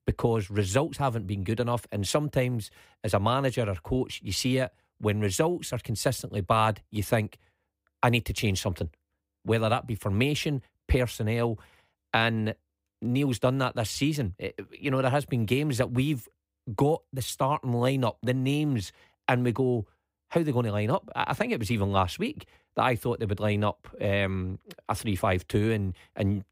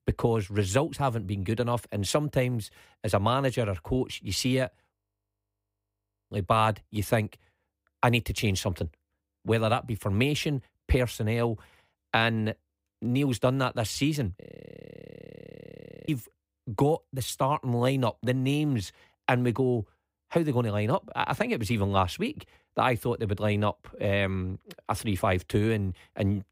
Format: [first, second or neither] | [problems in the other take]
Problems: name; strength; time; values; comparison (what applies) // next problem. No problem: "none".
first | audio freezing; at 5 s for 1.5 s and at 14 s for 1.5 s